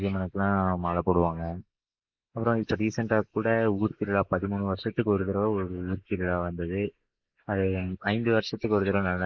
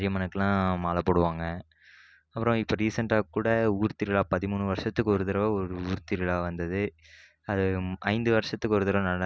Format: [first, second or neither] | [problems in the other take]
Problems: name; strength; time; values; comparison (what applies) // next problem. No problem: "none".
second | noise reduction (neural mask model Resemble Enhance denoiser)